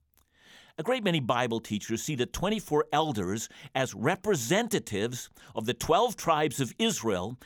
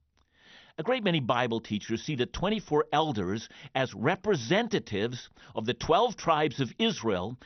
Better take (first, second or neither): first